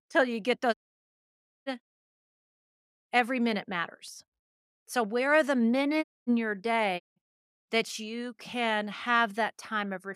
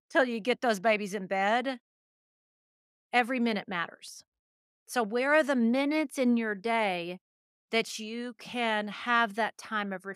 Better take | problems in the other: second | audio cutting out; at 0.5 s for 1 s, at 6 s and at 7 s

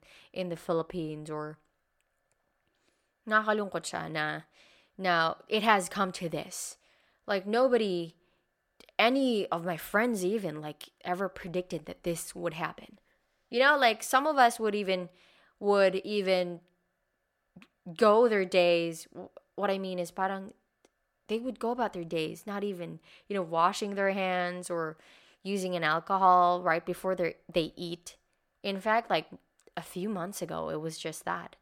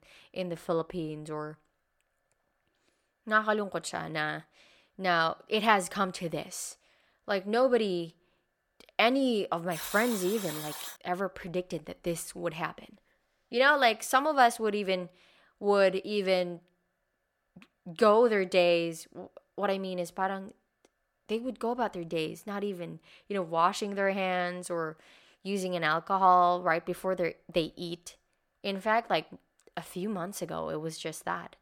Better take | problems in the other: first | alarm; noticeable; from 9.5 to 11 s; peak 7 dB below the speech

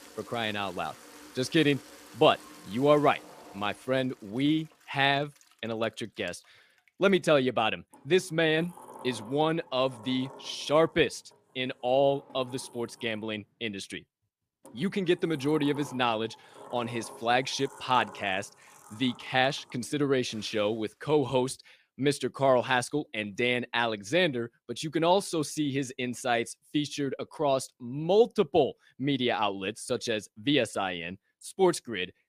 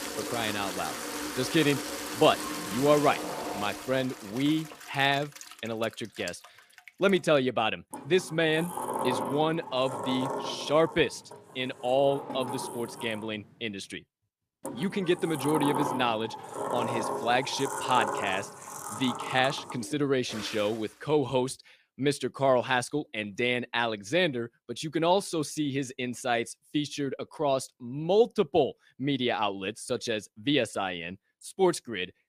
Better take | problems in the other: first | household noises; loud; until 21 s; 7 dB below the speech; faint in the first

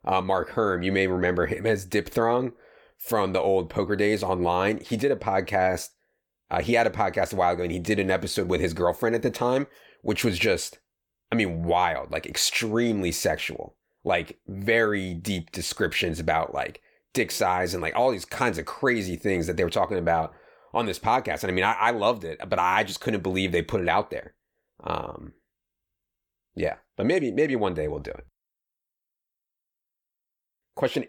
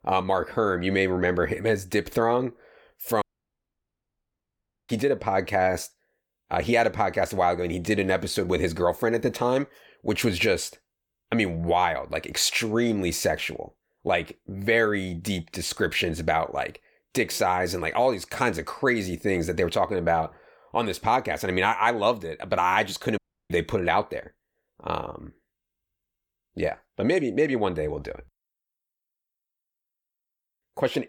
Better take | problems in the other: first | audio cutting out; at 3 s for 1.5 s and at 23 s

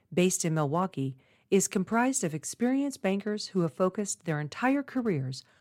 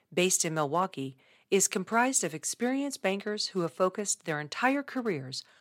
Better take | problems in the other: first | thin; very slightly; fading below 500 Hz

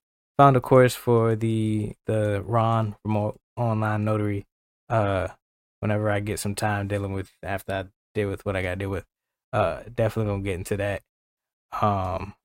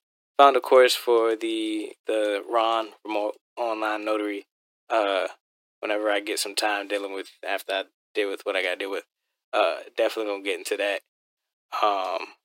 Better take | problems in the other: first | thin; very; fading below 300 Hz

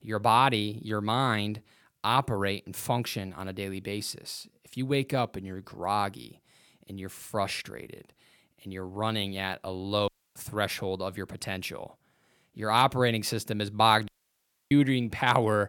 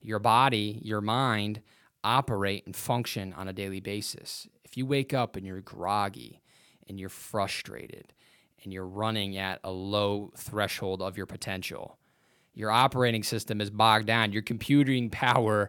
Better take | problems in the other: second | audio cutting out; at 10 s and at 14 s for 0.5 s

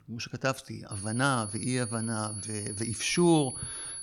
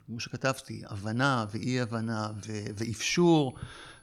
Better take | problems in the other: second | high-pitched whine; loud; from 1 s on; 10.5 kHz, 7 dB below the speech; faint in the second

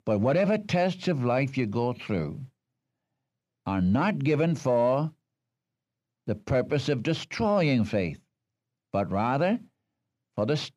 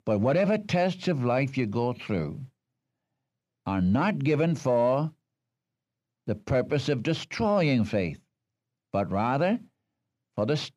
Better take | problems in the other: neither | none

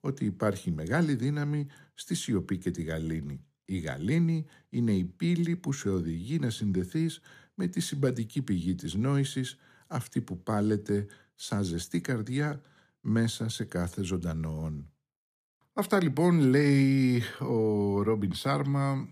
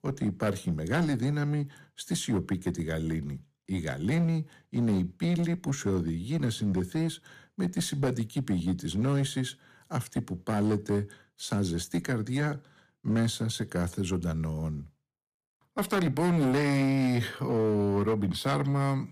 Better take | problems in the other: first | distortion; slight; 9% of the sound clipped

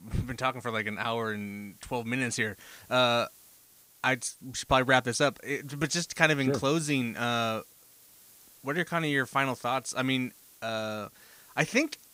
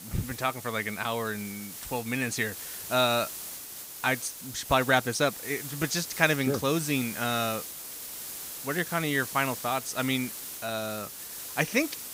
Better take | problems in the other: first | hiss; loud; throughout; 9 dB below the speech; faint in the first

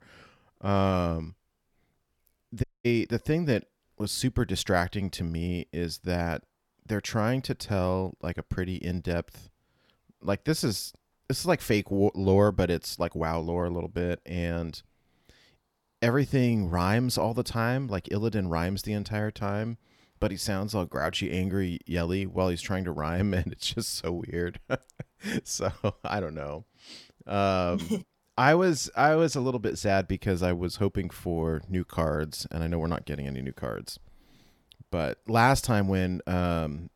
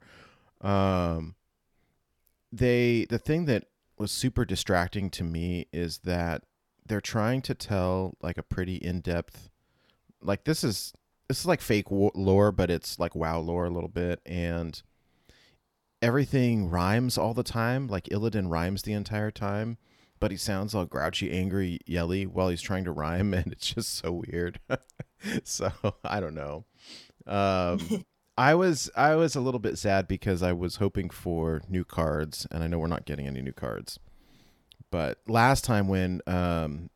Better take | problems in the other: second | audio cutting out; at 2.5 s

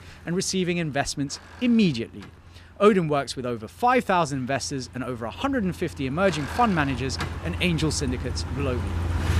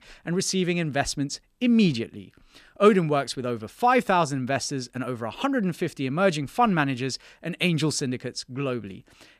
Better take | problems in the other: second | traffic noise; loud; throughout; 8 dB below the speech

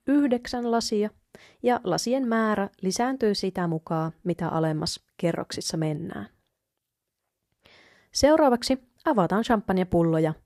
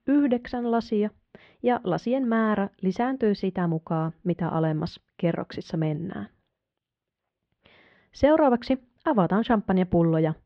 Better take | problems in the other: first | muffled; slightly; fading above 3.5 kHz

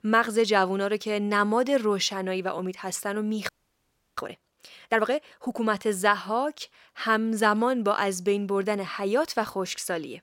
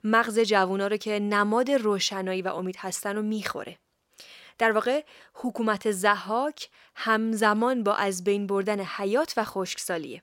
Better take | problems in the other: second | audio freezing; at 3.5 s for 0.5 s

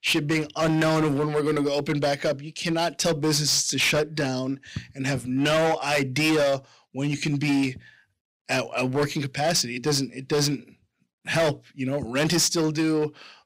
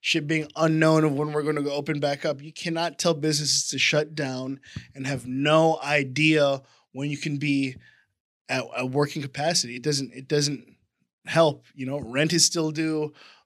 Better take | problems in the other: second | distortion; heavy; 12% of the sound clipped

